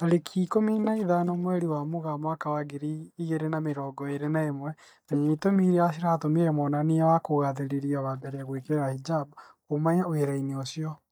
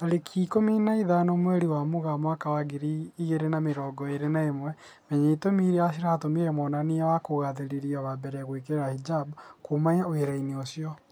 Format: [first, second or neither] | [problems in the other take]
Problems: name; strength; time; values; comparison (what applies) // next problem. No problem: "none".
second | noise reduction (neural mask model DeepFilterNet 3)